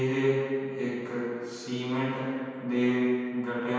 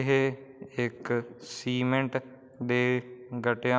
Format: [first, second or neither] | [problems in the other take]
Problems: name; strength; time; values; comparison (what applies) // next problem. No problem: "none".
second | room echo; dies away in 2.1 s